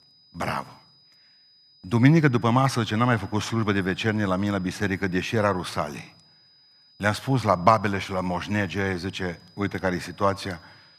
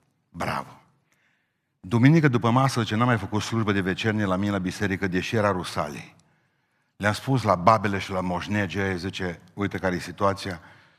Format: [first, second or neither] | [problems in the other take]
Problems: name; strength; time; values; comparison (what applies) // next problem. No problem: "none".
second | high-pitched whine; faint; throughout; 5 kHz, 30 dB below the speech